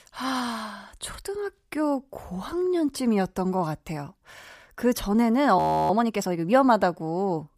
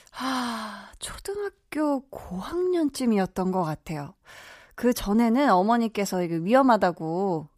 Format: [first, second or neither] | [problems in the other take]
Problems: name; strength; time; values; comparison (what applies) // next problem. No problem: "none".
second | audio freezing; at 5.5 s